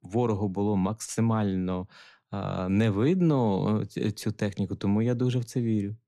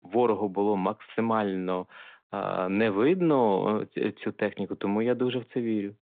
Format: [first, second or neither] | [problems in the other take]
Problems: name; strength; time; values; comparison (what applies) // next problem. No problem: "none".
first | phone-call audio; nothing above 3.5 kHz